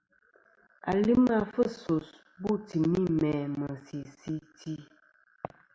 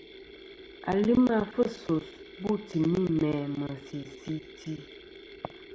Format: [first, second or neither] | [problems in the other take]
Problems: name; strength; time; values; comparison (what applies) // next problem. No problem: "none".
first | background sound (Mechanisms); 18 dB below the speech